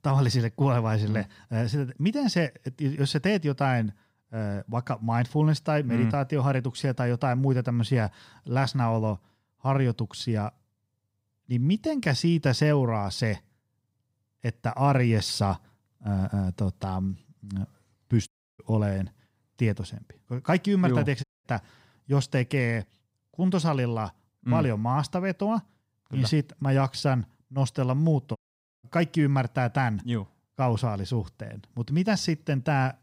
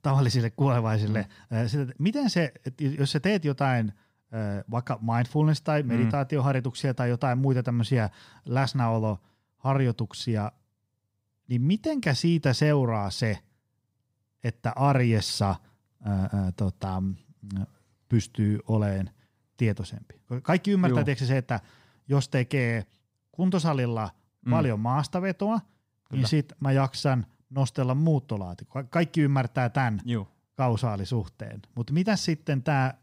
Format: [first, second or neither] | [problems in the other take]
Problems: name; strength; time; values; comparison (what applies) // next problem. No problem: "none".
second | audio cutting out; at 18 s, at 21 s and at 28 s